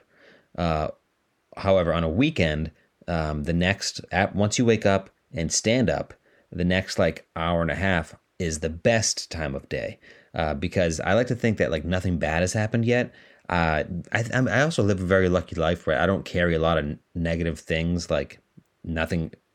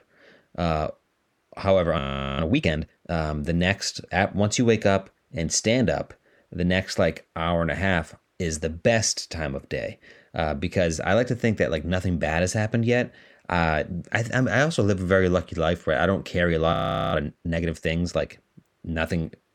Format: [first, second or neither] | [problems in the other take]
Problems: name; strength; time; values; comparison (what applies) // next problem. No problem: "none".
first | audio freezing; at 2 s and at 17 s